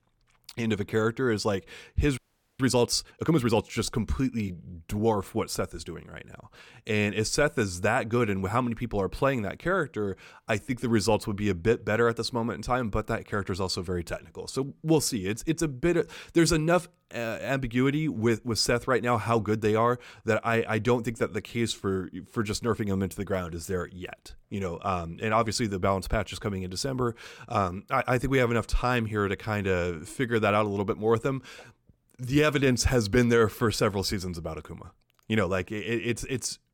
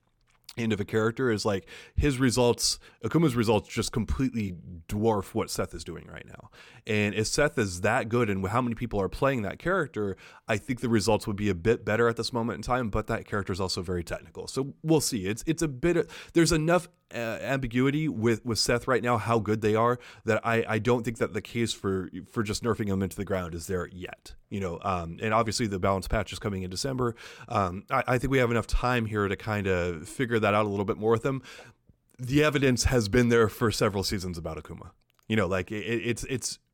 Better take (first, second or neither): second